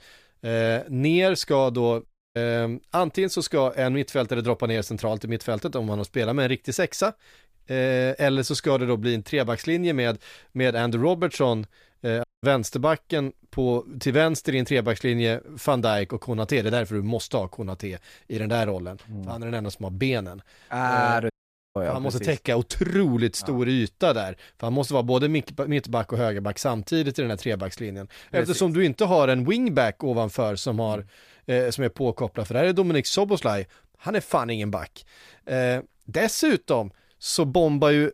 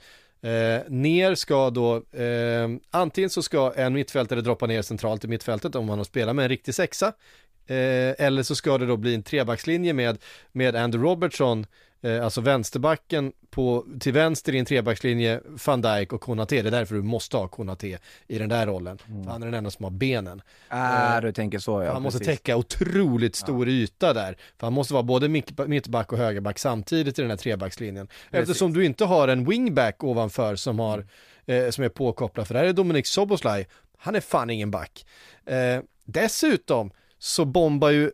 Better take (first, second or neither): second